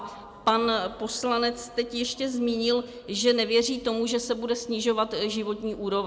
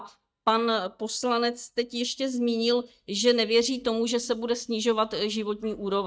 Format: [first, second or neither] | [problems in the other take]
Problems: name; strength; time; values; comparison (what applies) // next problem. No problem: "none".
first | noise reduction (neural mask model DeepFilterNet 3)